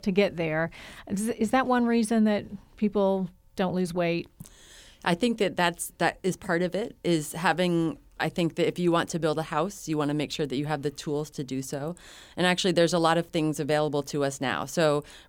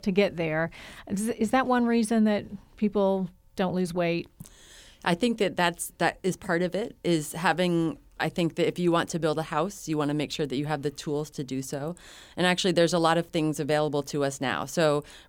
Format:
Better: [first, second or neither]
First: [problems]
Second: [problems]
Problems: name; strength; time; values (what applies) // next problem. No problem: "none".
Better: neither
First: none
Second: none